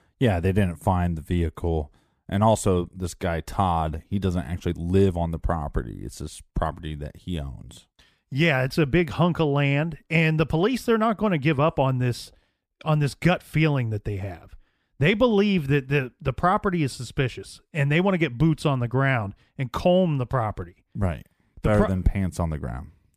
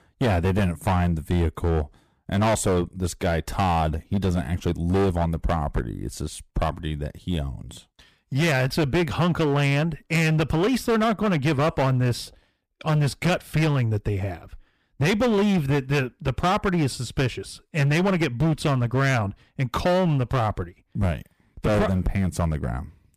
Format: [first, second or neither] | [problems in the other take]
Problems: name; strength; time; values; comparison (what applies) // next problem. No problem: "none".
first | distortion; heavy; 14% of the sound clipped